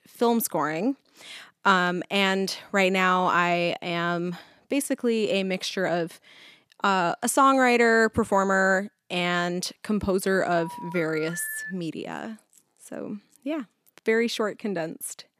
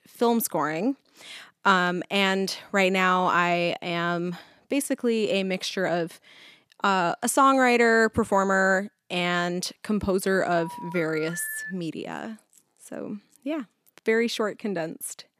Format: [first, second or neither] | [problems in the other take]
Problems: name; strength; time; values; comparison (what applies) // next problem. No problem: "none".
neither | phone ringing; noticeable; from 11 to 12 s; peak 9 dB below the speech; the same in both